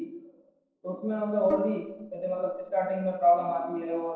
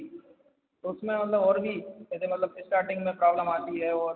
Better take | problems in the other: second | noise reduction (neural separator model SepFormer DNS4)

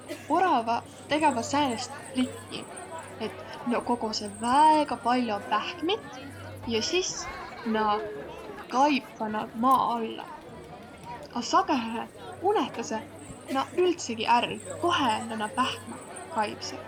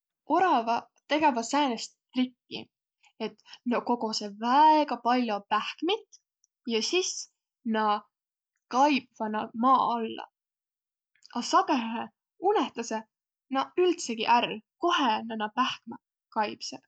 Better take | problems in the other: second | background sound (Crowd); 12 dB below the speech

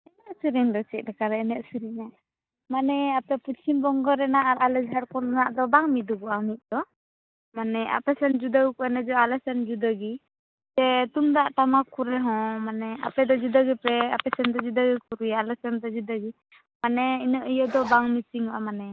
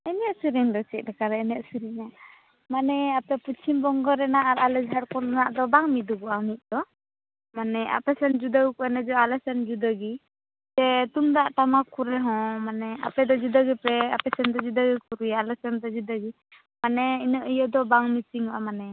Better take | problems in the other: second | noise reduction (neural mask model DeepFilterNet 3)

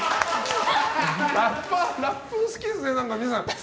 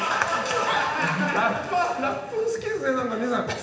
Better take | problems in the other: first | room echo; dies away in 0.8 s

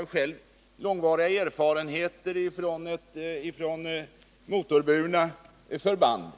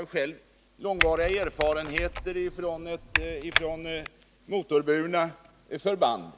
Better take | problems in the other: first | background sound (Typing); 3 dB below the speech

